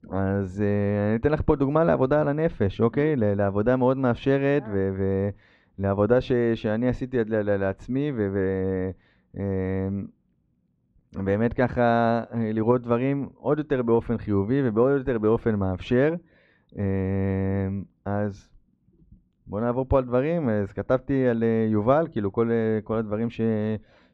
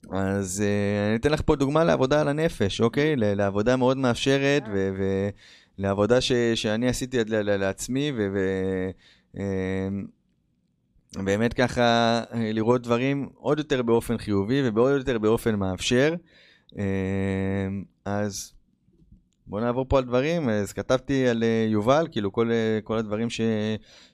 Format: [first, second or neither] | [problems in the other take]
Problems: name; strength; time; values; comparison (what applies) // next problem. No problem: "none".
second | muffled; very; fading above 1.5 kHz